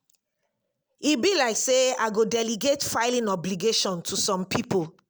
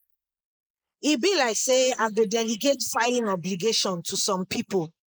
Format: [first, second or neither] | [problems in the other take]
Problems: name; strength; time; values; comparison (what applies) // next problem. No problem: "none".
first | noise reduction (neural mask model Resemble Enhance denoiser)